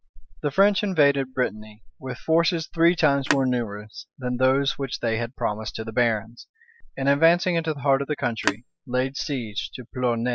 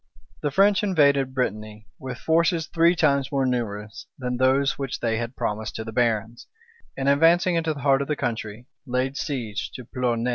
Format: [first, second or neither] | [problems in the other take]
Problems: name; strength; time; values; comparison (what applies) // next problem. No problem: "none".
second | noise reduction (classical method spectral subtraction)